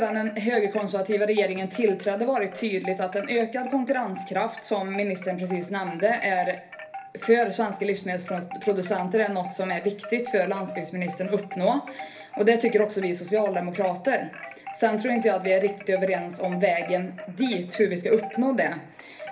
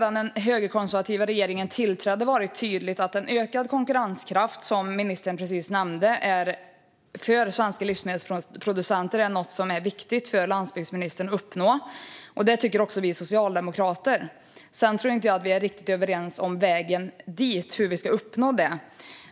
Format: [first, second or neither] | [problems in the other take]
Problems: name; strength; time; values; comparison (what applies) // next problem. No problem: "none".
second | background sound (Wind chime); 14 dB below the speech // room echo; dies away in 0.3 s